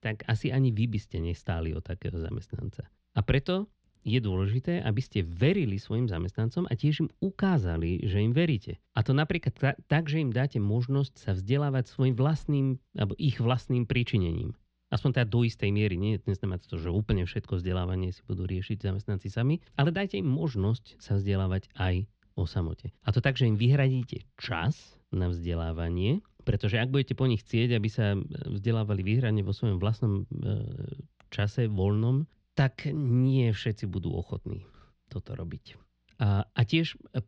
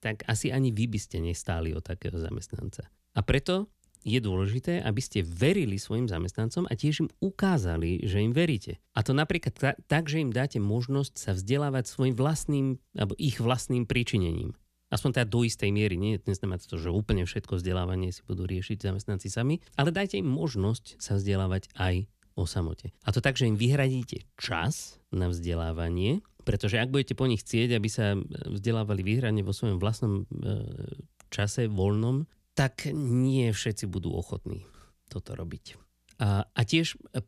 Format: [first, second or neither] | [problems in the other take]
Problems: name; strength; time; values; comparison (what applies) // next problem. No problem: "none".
second | muffled; very slightly; fading above 4.5 kHz